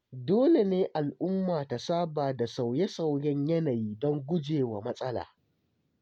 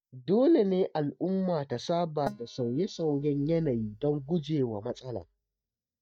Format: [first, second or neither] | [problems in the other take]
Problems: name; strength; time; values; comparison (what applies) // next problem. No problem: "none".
first | noise reduction (neural mask model DeepFilterNet 3)